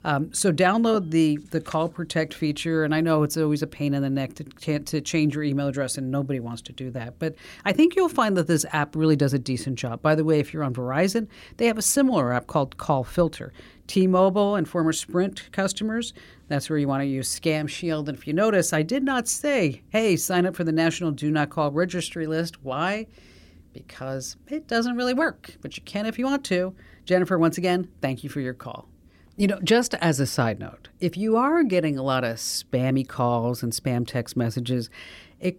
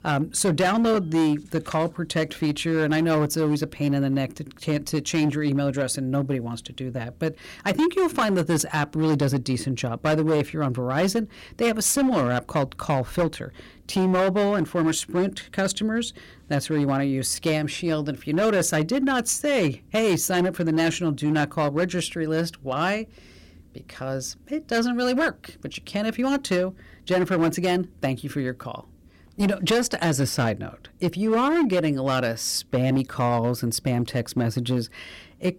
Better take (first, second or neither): first